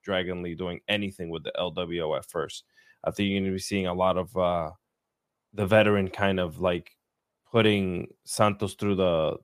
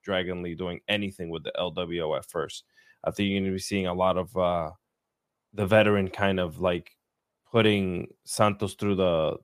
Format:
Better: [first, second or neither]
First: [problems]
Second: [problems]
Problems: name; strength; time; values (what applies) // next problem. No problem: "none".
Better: neither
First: none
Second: none